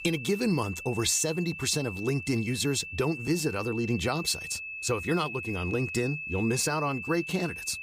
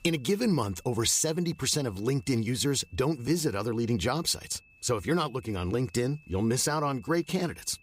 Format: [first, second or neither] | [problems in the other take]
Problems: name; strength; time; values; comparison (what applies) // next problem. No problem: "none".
second | high-pitched whine; loud; throughout; 2.5 kHz, 8 dB below the speech; faint in the second